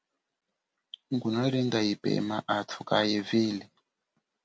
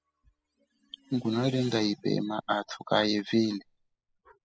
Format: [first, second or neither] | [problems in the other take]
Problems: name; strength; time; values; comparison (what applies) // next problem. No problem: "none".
first | noise reduction (classical method spectral subtraction)